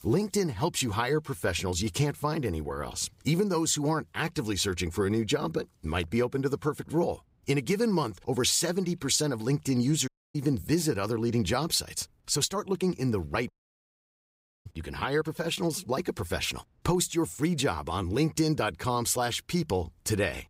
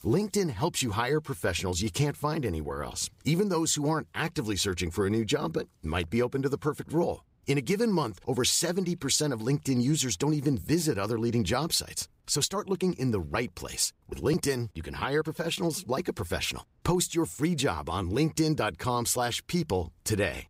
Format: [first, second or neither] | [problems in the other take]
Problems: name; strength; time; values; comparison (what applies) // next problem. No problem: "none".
second | audio cutting out; at 10 s and at 14 s for 1 s